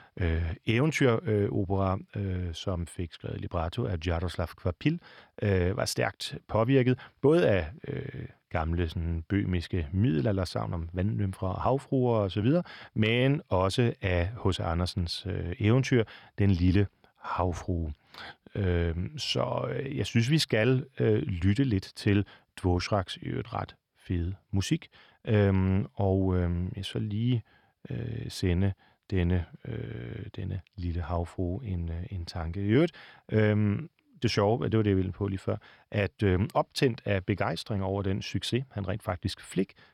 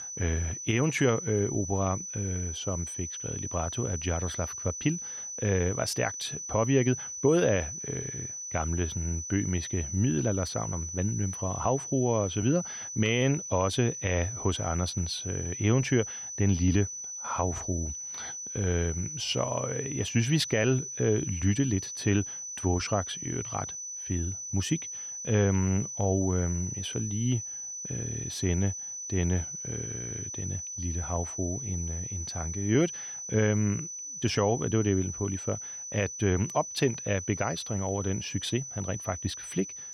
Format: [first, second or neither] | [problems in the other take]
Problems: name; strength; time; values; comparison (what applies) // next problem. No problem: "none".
first | high-pitched whine; loud; throughout; 6 kHz, 6 dB below the speech